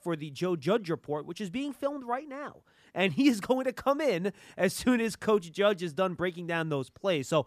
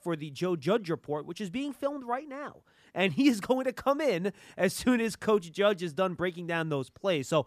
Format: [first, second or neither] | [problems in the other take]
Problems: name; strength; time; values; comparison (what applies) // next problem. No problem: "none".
neither | none